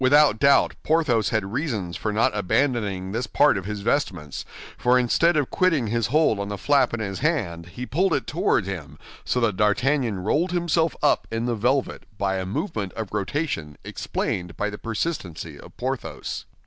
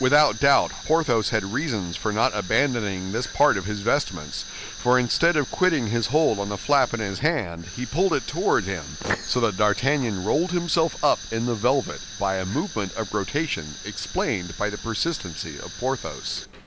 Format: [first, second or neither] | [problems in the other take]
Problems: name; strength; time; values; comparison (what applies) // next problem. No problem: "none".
first | background sound (Fire); 13 dB below the speech